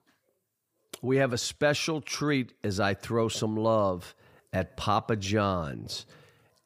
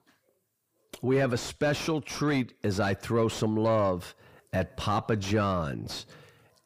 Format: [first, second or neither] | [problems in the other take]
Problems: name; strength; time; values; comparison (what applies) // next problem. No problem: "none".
first | distortion; slight; 10 dB below the speech